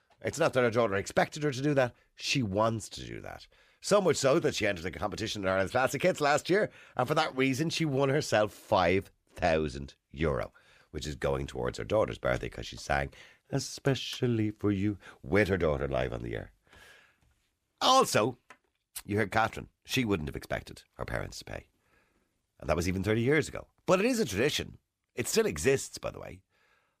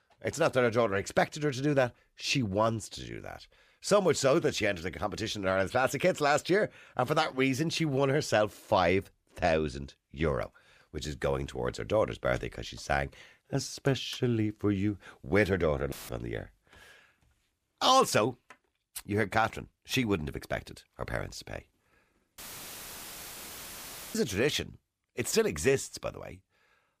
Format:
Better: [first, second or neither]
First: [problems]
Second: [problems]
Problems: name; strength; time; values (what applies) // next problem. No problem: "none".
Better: first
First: none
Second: audio cutting out; filled with static; at 16 s and at 22 s for 2 s